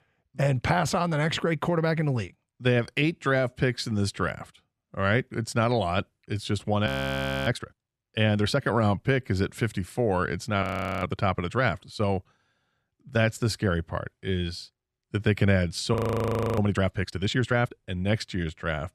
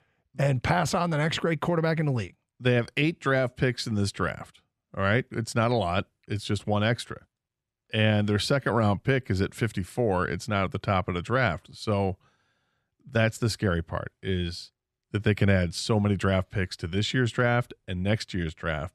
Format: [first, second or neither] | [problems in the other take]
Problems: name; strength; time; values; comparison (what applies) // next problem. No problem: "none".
second | audio freezing; at 7 s for 0.5 s, at 11 s and at 16 s for 0.5 s